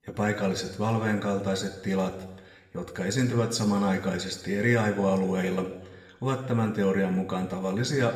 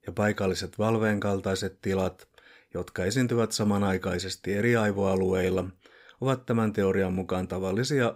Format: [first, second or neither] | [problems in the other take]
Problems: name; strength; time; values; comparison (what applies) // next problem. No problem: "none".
second | room echo; slight; dies away in 0.9 s // off-mic speech; somewhat distant